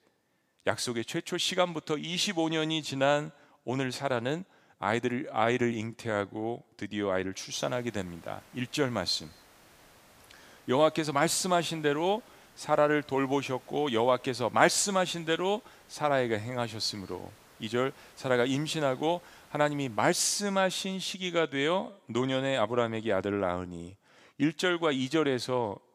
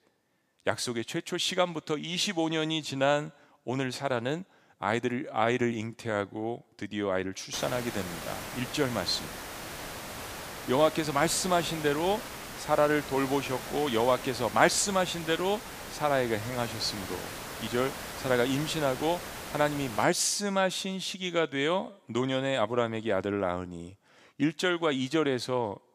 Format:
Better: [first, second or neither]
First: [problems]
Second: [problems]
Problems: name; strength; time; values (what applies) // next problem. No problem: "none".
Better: first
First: hiss; faint; from 7.5 to 20 s; 25 dB below the speech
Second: hiss; loud; from 7.5 to 20 s; 10 dB below the speech